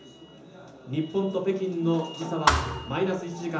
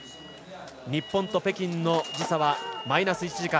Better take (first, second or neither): second